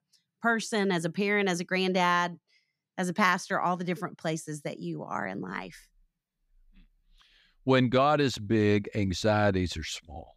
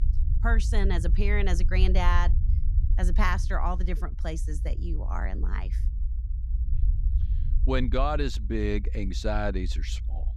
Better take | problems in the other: first | low rumble; noticeable; throughout; 15 dB below the speech

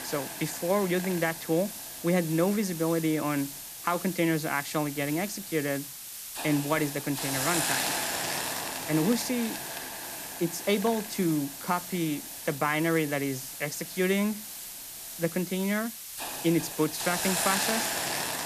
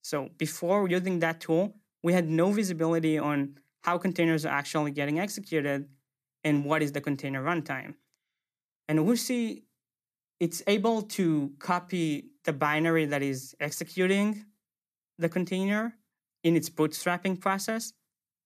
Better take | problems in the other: second | hiss; loud; throughout; 4 dB below the speech

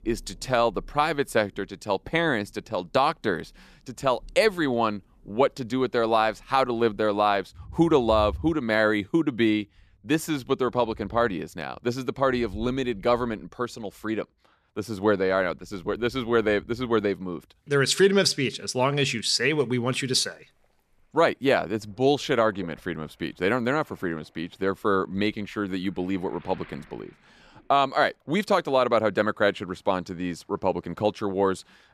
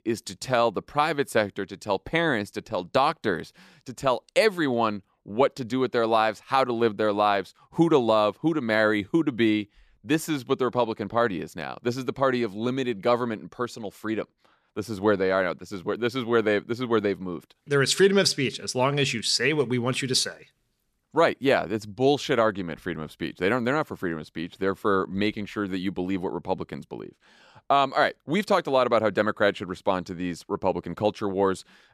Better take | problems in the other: second | rain or running water; faint; throughout; 25 dB below the speech

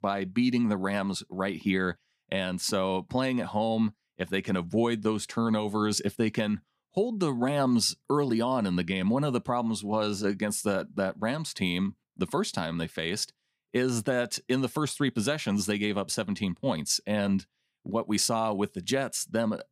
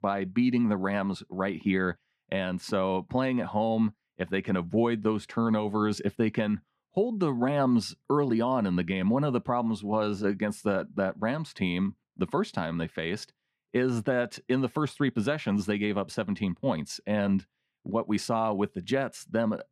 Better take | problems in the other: first | muffled; slightly; fading above 4 kHz

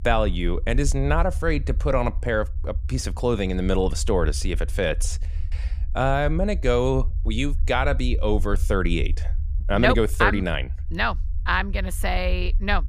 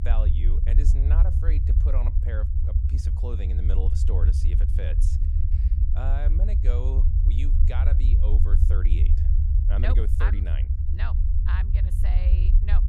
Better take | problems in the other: first | low rumble; loud; throughout; 2 dB below the speech; faint in the first

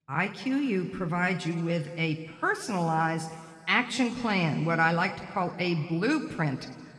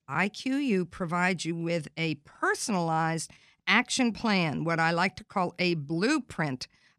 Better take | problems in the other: second | room echo; slight; dies away in 2.2 s

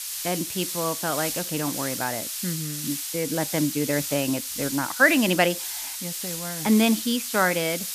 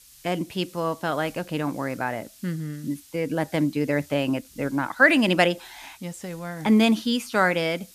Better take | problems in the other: second | hiss; loud; throughout; 4 dB below the speech; faint in the second

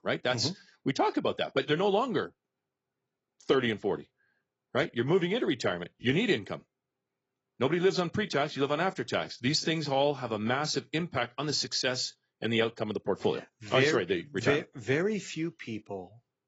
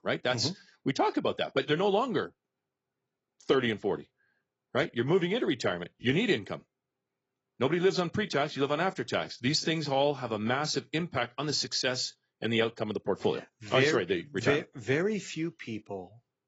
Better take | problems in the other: neither | garbled, watery; badly; nothing above 7.5 kHz; the same in both

